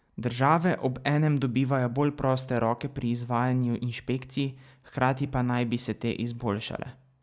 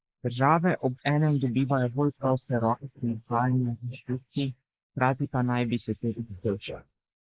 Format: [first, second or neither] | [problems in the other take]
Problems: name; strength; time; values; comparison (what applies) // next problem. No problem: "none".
first | noise reduction (neural mask model Resemble Enhance denoiser)